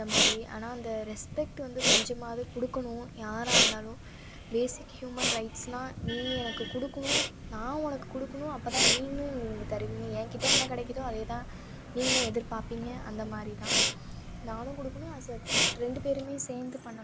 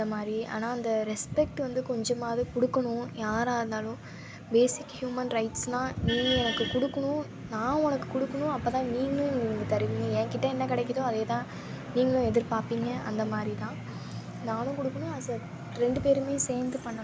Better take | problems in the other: second | background sound (Respiratory sounds); 3 dB above the speech

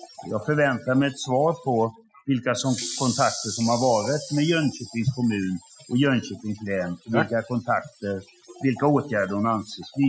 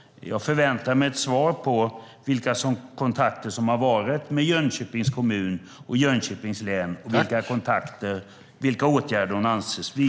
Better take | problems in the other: second | noise reduction (classical method Wiener filter)

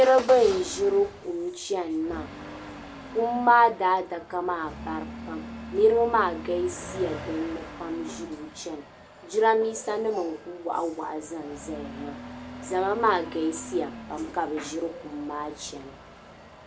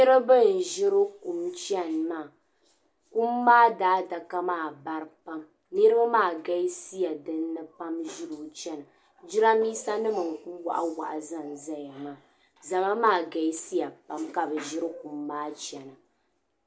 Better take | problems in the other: second | background sound (Engine starting / Accelerating, revving, vroom / Motor vehicle (road)); 14 dB below the speech

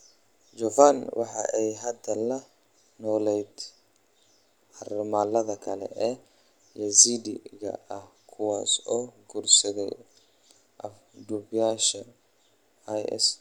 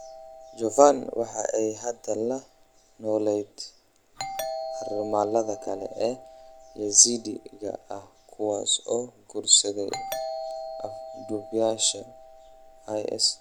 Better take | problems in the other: first | background sound (Doorbell); 13 dB below the speech

